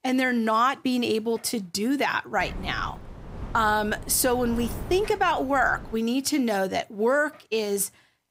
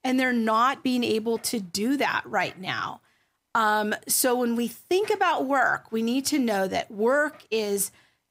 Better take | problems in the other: second | wind noise on the microphone; occasional gusts; from 2.5 to 6 s; 20 dB below the speech

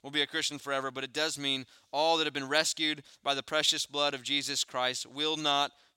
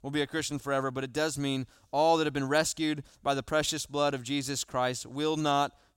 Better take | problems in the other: second | thin; very slightly; fading below 350 Hz

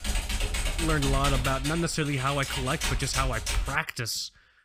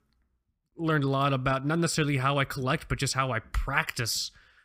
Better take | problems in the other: second | keyboard typing; loud; until 4 s; peak 1 dB above the speech

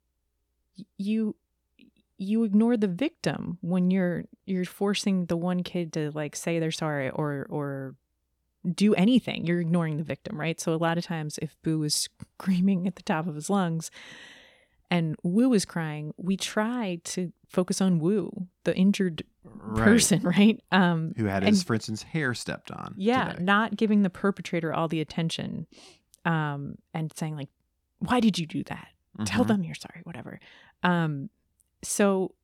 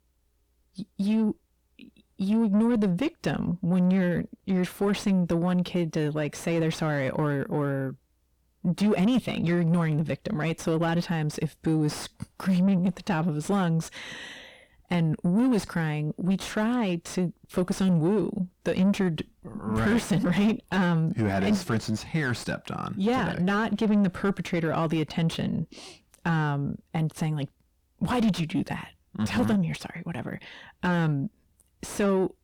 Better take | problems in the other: first | distortion; heavy; 7 dB below the speech

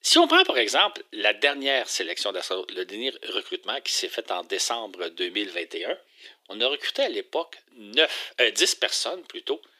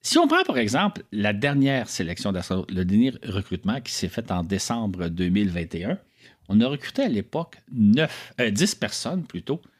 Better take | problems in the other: second | thin; very; fading below 350 Hz

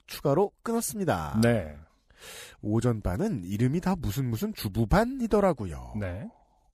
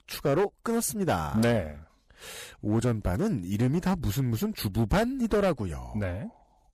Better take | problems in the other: first | distortion; slight; 7% of the sound clipped

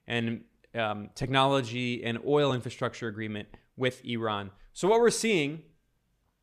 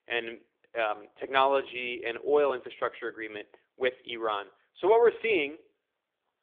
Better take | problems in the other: first | phone-call audio; nothing above 3.5 kHz

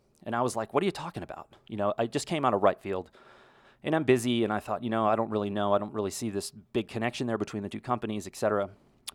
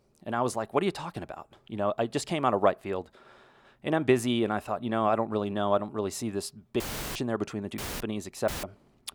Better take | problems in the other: first | audio cutting out; filled with static; at 7 s, at 8 s and at 8.5 s

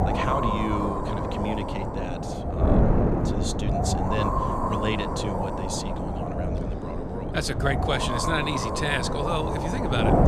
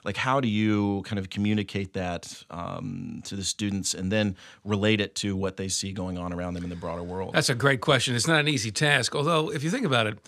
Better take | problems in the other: second | wind noise on the microphone; heavy; 3 dB above the speech

